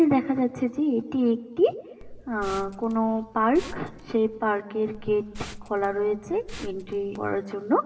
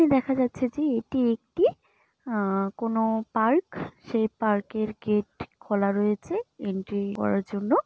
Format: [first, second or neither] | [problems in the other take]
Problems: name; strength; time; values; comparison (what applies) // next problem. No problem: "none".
second | background sound (Liquid); 16 dB below the speech // room echo; dies away in 1.7 s